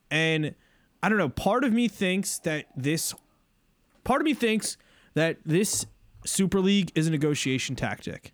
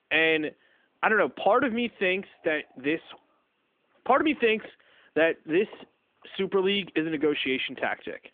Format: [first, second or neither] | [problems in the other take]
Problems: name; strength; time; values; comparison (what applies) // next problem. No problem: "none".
first | phone-call audio; nothing above 3.5 kHz